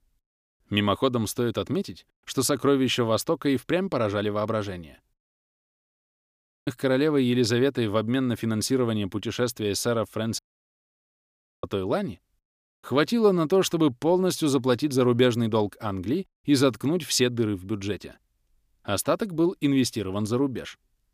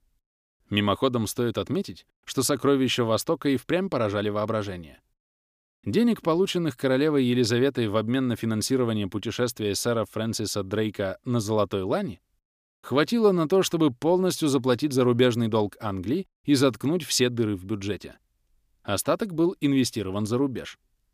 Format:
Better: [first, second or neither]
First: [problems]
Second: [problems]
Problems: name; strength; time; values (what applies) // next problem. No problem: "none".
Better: second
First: audio cutting out; at 5.5 s for 1 s and at 10 s for 1 s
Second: none